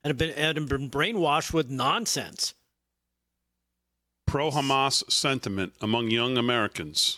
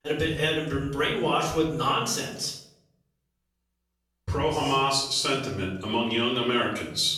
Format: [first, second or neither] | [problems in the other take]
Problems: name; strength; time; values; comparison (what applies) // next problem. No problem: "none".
first | off-mic speech; far // room echo; noticeable; dies away in 0.6 s